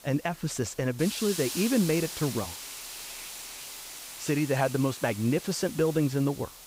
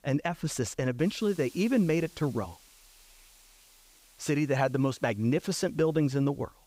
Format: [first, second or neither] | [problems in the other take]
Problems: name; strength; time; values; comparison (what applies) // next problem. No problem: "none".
second | hiss; loud; throughout; 9 dB below the speech; faint in the second